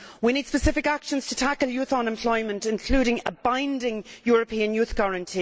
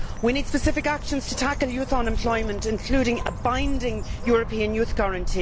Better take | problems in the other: first | background sound (Bird); 3 dB below the speech

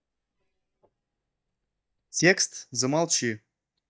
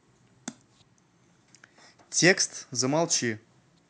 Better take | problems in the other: second | noise reduction (neural mask model DeepFilterNet 3)

